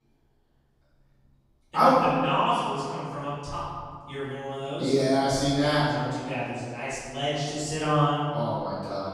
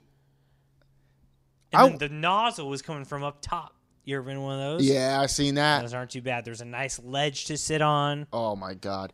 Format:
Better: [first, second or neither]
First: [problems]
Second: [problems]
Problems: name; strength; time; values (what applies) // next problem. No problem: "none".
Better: second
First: off-mic speech; far // room echo; strong; dies away in 1.8 s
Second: none